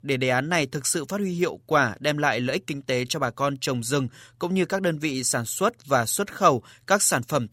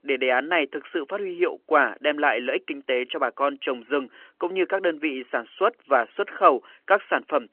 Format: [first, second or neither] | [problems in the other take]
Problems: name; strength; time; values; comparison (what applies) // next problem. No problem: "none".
first | phone-call audio; nothing above 3 kHz